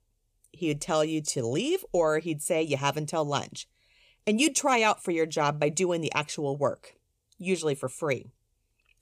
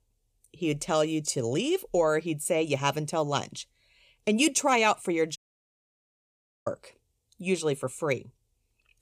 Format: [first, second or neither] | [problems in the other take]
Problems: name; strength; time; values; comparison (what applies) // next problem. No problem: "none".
first | audio cutting out; at 5.5 s for 1.5 s